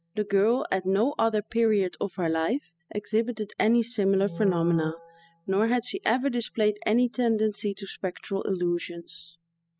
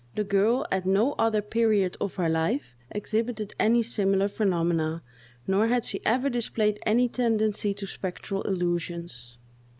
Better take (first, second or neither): second